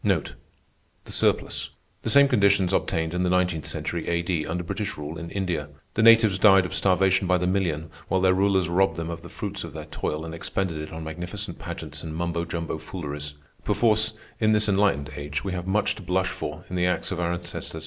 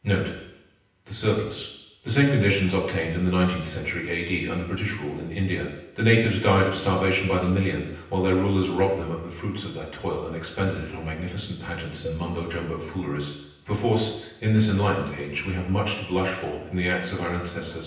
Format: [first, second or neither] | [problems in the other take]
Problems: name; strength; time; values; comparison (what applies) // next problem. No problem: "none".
first | background sound (Cowbell); 17 dB below the speech // room echo; dies away in 0.9 s